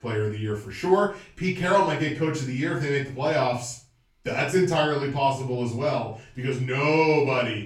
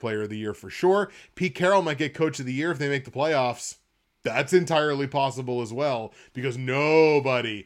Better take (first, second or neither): second